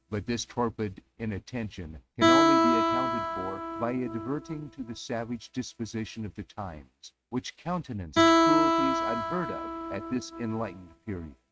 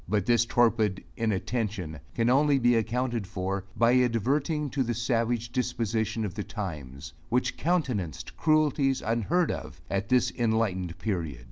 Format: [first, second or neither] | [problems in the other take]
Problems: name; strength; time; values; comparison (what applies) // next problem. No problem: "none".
second | noise reduction (neural mask model RNNoise)